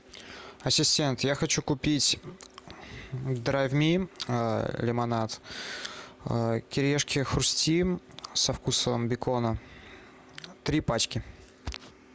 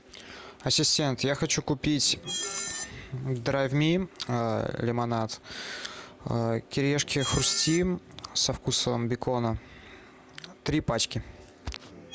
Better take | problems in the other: first | background sound (Screech); 14 dB below the speech

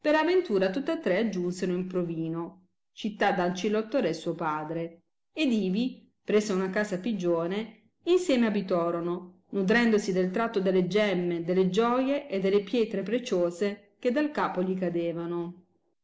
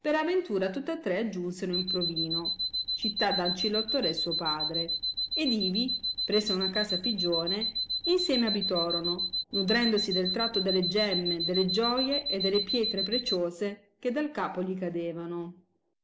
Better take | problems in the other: first | background sound (Alarm); 1 dB below the speech

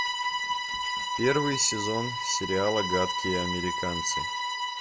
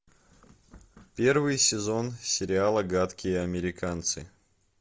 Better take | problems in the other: second | background sound (Bowed string instrument); as loud as the speech

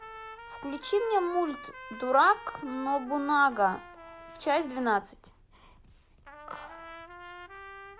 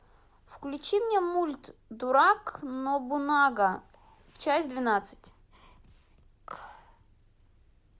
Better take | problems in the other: second | background sound (Trumpet); 16 dB below the speech

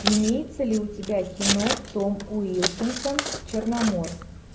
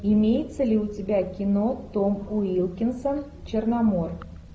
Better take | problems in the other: second | background sound (Scissors); 5 dB below the speech

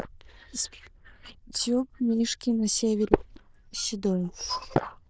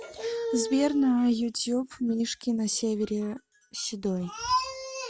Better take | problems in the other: second | noise reduction (neural diffusion model UNIVERSE++)

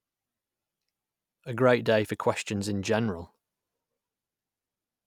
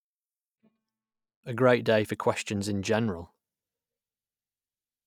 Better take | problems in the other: first | noise reduction (neural mask model DeepFilterNet 3)

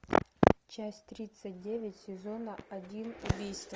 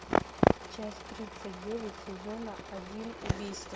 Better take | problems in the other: first | background sound (Engine / Mechanisms); 12 dB below the speech

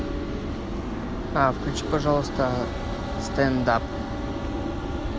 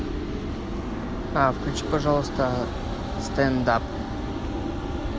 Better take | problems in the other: second | background sound (Bowed string instrument); 17 dB below the speech

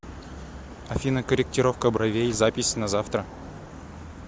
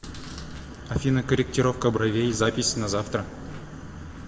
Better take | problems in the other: first | background sound (Chewing, mastication); 20 dB below the speech // room echo; dies away in 1 s

